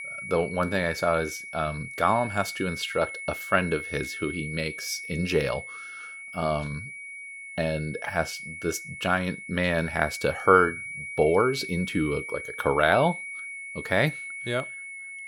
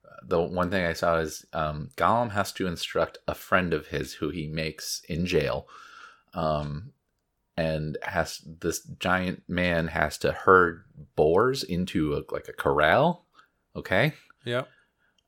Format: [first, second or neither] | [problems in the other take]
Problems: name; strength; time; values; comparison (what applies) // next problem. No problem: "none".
second | high-pitched whine; loud; throughout; 2 kHz, 9 dB below the speech